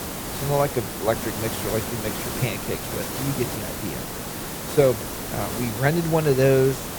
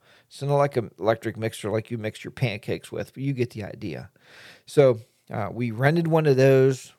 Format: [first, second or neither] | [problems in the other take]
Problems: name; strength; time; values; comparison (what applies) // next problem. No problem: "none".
second | hiss; loud; throughout; 5 dB below the speech